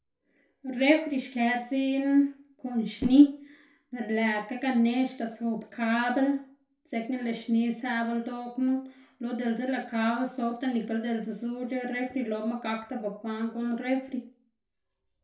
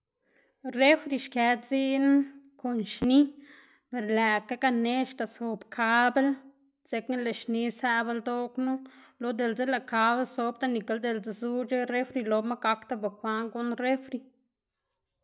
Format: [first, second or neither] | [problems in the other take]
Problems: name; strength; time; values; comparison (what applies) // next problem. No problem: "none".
second | room echo; dies away in 0.3 s